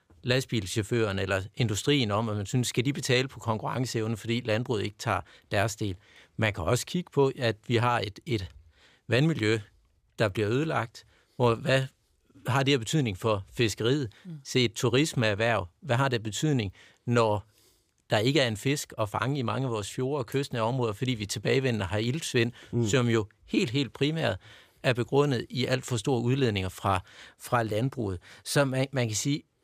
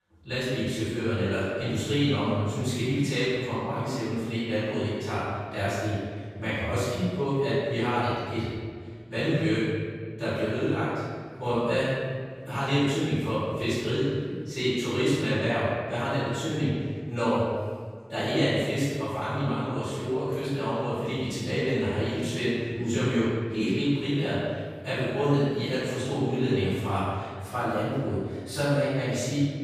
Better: first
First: none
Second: off-mic speech; far // room echo; strong; dies away in 1.6 s

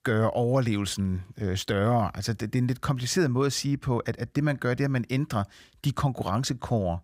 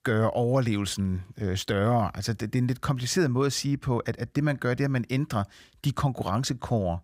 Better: neither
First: none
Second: none

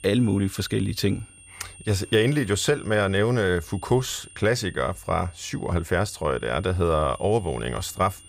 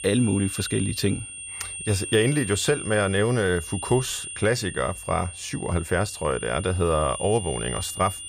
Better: first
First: high-pitched whine; faint; throughout; 9 kHz, 20 dB below the speech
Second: high-pitched whine; loud; throughout; 9 kHz, 8 dB below the speech

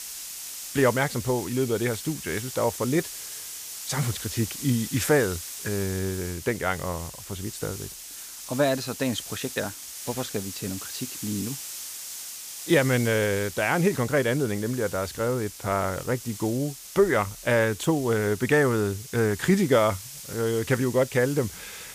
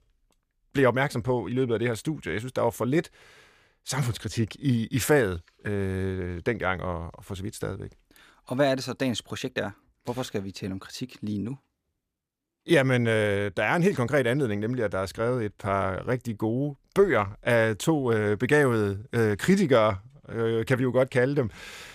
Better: second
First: hiss; noticeable; throughout; 10 dB below the speech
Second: none

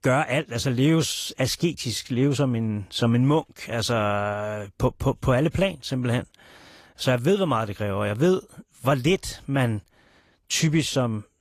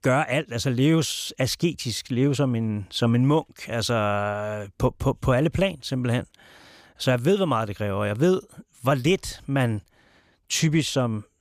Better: second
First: garbled, watery; slightly; nothing above 15 kHz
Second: none

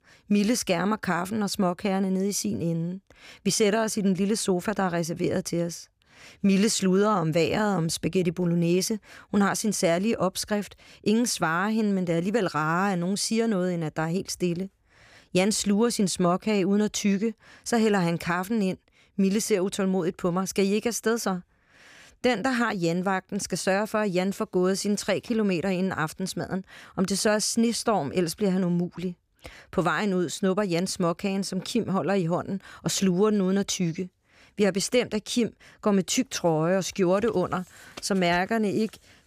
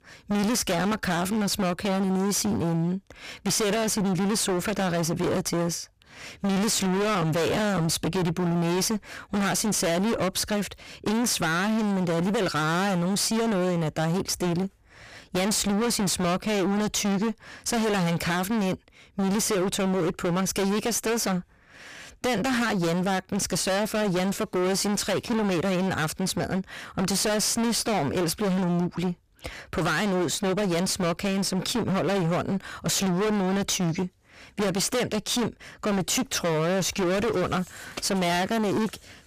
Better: first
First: none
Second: distortion; heavy; 40% of the sound clipped

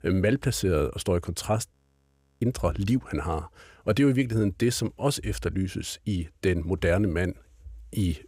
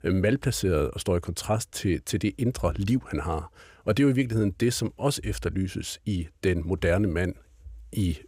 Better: second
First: audio freezing; at 1.5 s for 0.5 s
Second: none

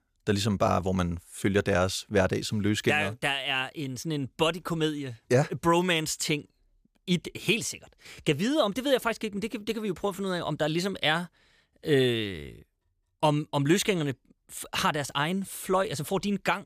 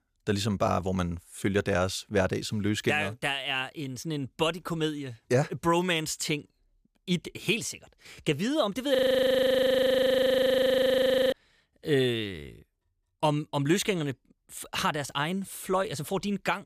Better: first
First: none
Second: audio freezing; at 9 s for 2.5 s

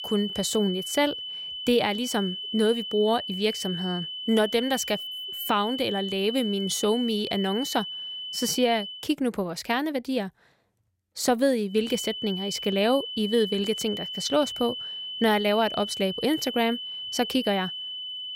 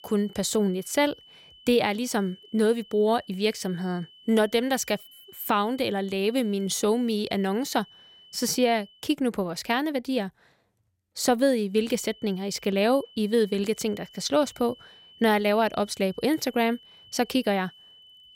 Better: second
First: high-pitched whine; loud; until 9 s and from 12 s on; 3 kHz, 6 dB below the speech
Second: high-pitched whine; faint; until 9 s and from 12 s on; 3 kHz, 25 dB below the speech

